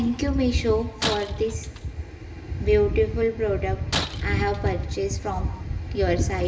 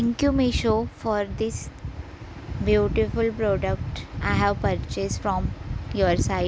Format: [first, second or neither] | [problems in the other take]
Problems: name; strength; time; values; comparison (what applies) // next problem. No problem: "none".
second | background sound (Shatter); 11 dB below the speech // room echo; dies away in 1.7 s